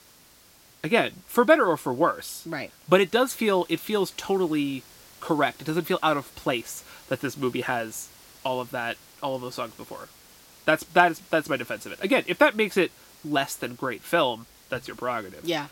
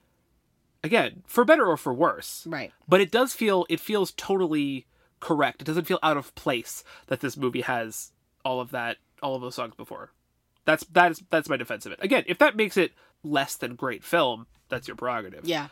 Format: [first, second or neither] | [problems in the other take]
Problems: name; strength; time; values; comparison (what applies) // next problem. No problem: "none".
second | hiss; faint; throughout; 25 dB below the speech